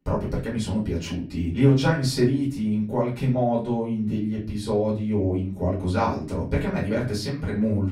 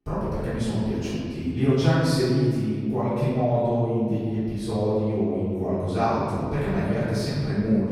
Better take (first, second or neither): first